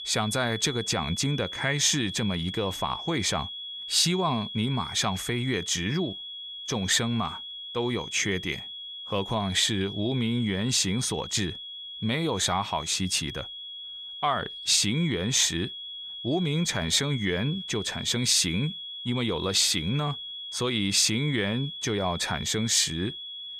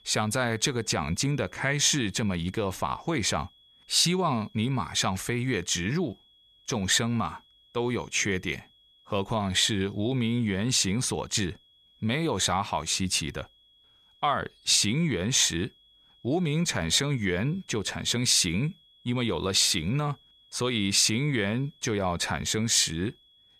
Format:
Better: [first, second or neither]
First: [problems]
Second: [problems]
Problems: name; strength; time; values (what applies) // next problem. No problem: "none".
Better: second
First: high-pitched whine; loud; throughout; 3.5 kHz, 9 dB below the speech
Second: high-pitched whine; faint; throughout; 3.5 kHz, 30 dB below the speech